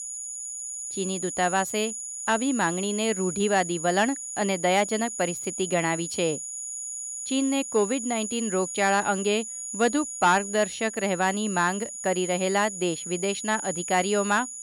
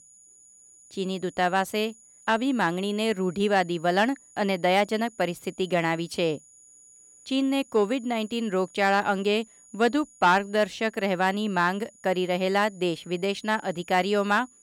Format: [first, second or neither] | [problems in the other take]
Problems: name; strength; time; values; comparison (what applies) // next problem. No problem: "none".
second | high-pitched whine; loud; throughout; 7 kHz, 6 dB below the speech; faint in the second